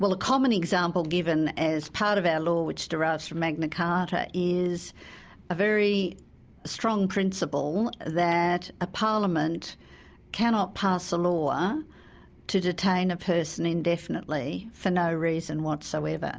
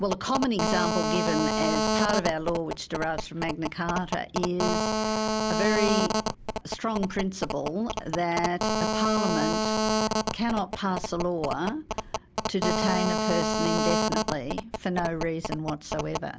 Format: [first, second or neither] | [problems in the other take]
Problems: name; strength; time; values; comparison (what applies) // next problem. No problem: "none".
first | background sound (Telephone); 1 dB above the speech